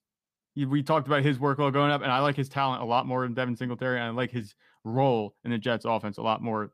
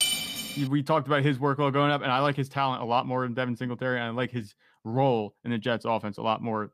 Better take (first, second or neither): first